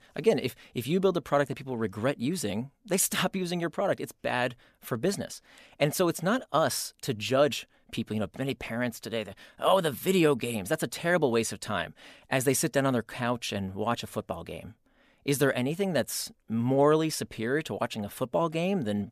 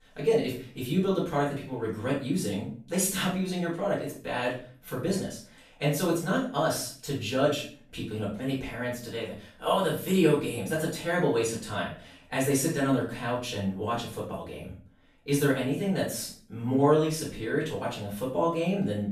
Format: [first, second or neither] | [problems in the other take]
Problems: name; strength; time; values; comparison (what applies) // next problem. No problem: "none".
first | room echo; noticeable; dies away in 0.4 s // off-mic speech; far